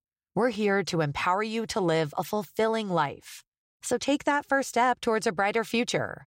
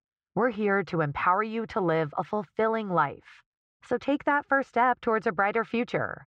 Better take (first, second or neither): first